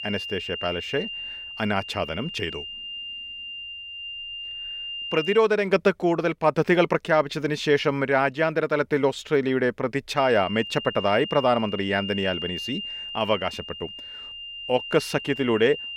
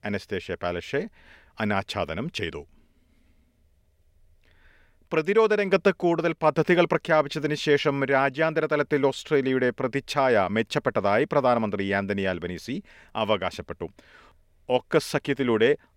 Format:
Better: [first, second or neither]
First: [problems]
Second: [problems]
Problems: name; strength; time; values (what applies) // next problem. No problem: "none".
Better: second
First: high-pitched whine; loud; until 5.5 s and from 10 s on; 3 kHz, 9 dB below the speech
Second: none